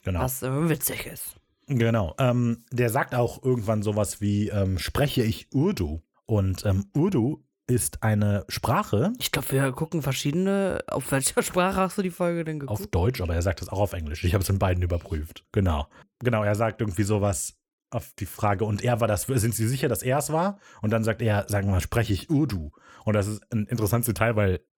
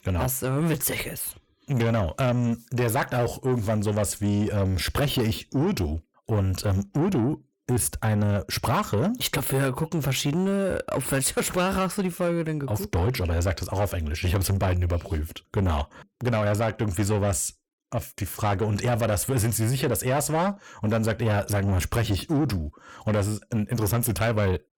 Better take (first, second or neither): first